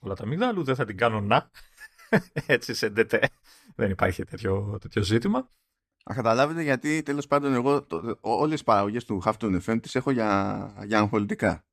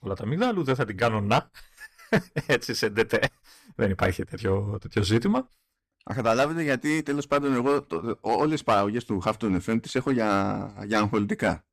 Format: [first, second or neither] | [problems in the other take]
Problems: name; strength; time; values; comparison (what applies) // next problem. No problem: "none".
first | distortion; slight; 4% of the sound clipped